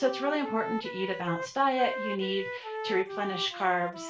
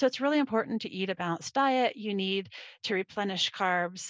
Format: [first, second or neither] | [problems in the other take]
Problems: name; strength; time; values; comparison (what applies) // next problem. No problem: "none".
second | background sound (Wind instrument, woodwind instrument); 7 dB below the speech // room echo; dies away in 0.3 s